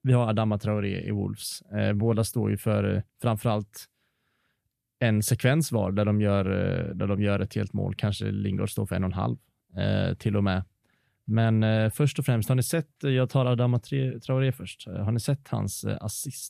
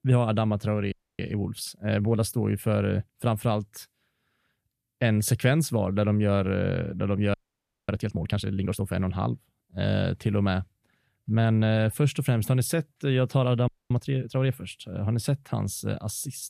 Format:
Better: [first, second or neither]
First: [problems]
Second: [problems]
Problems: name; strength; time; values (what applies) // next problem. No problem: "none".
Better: first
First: none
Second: audio freezing; at 1 s, at 7.5 s for 0.5 s and at 14 s